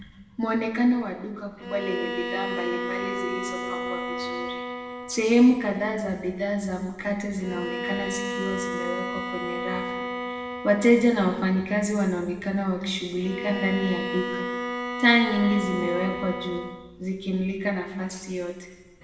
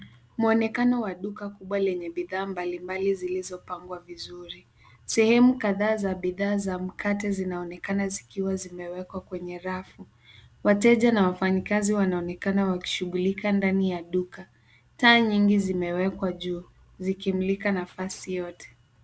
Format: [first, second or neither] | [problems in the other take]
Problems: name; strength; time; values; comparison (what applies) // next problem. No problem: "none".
second | background sound (Bowed string instrument); 7 dB below the speech // room echo; dies away in 1.1 s